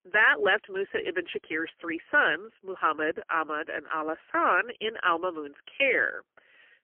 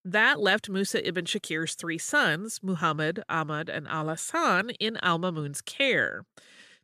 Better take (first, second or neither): second